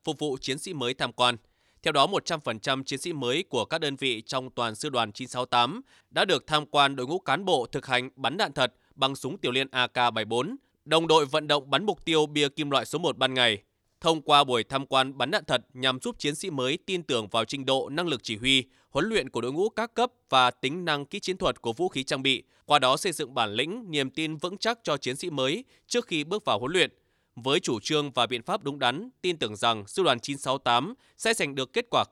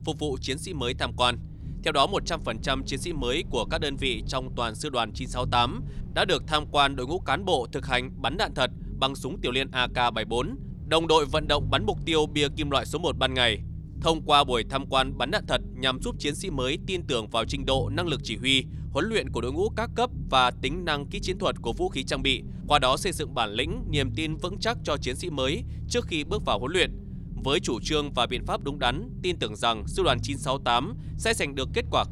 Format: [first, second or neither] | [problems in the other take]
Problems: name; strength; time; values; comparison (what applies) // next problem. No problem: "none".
first | low rumble; faint; throughout; 25 dB below the speech